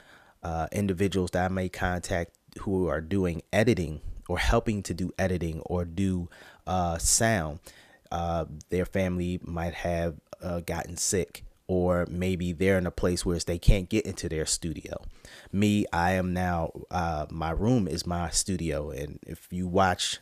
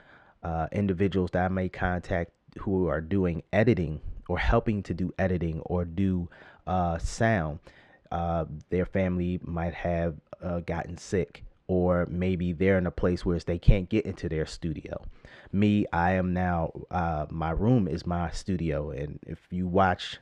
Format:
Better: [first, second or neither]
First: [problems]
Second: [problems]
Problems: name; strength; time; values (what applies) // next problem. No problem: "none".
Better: first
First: none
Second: muffled; very; fading above 2.5 kHz